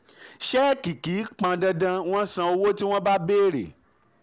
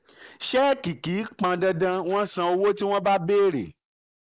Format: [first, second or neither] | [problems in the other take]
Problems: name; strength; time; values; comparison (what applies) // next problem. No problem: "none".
first | noise reduction (neural mask model Resemble Enhance denoiser)